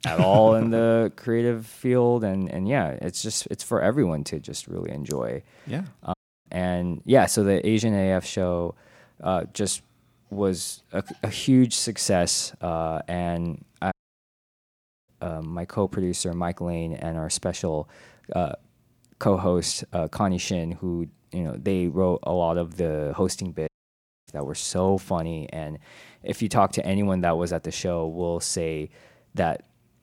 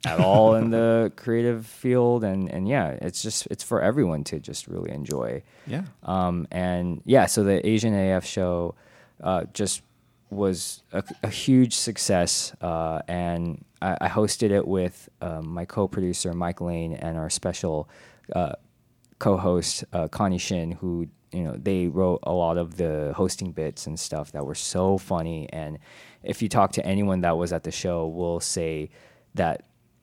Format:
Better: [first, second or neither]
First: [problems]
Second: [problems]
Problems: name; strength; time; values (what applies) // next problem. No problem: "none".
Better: second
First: audio cutting out; at 6 s, at 14 s for 1 s and at 24 s for 0.5 s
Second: none